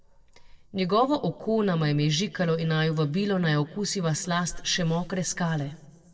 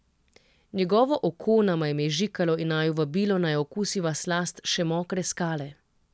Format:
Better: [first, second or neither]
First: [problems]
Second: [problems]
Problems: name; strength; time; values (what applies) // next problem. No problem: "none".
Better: second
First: noise reduction (neural separator model SepFormer DNS4)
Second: none